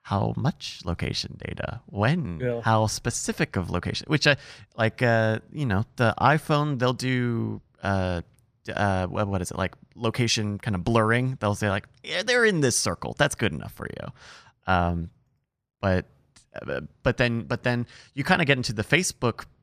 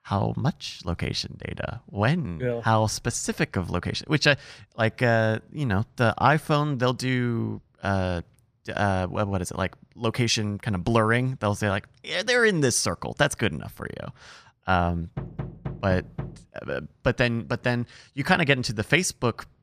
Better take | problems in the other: first | door banging; noticeable; from 15 to 16 s; peak 10 dB below the speech

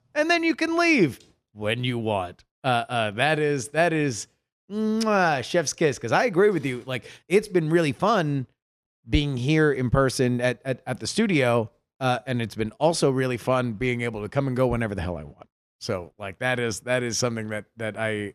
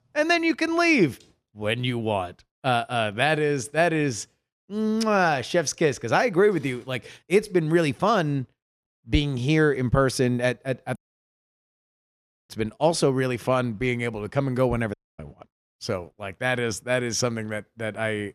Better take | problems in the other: first | audio cutting out; at 11 s for 1.5 s and at 15 s

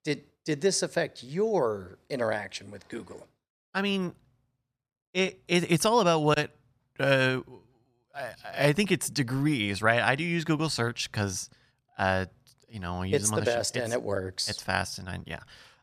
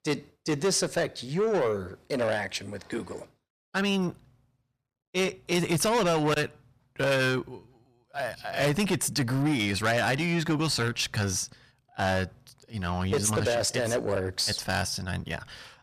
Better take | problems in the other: first | distortion; heavy; 7 dB below the speech

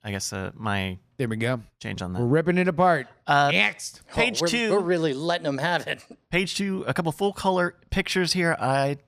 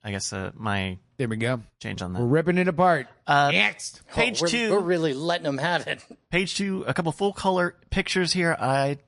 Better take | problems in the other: first | garbled, watery; slightly; nothing above 10 kHz

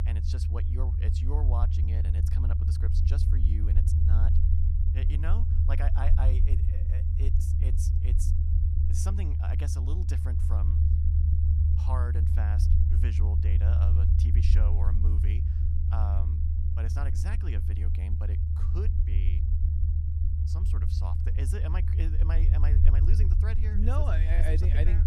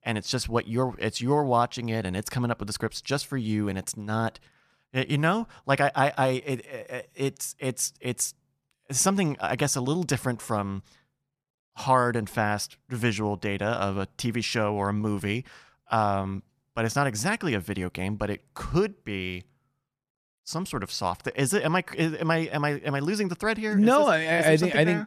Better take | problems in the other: second | low rumble; loud; throughout; as loud as the speech

